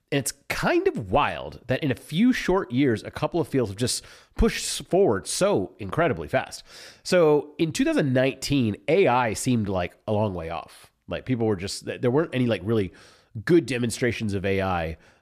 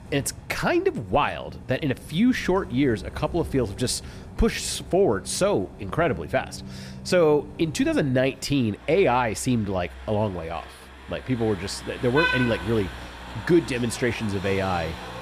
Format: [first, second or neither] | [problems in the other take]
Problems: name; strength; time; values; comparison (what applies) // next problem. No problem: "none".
first | traffic noise; noticeable; throughout; 10 dB below the speech